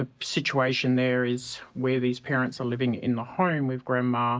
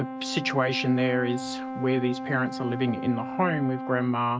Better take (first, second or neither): first